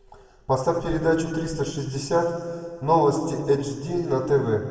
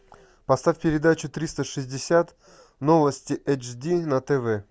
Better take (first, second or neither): second